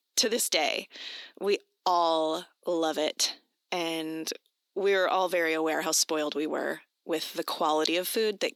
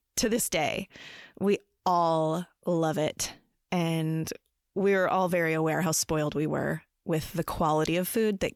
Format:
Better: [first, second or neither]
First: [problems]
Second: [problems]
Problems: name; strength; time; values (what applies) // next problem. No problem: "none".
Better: second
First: thin; somewhat; fading below 250 Hz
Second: none